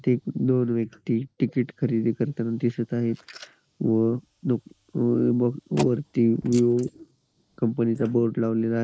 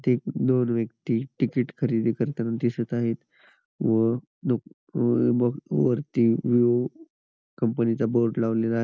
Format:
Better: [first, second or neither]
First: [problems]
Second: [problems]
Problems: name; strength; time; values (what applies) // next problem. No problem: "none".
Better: second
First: noise reduction (neural mask model Resemble Enhance denoiser)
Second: none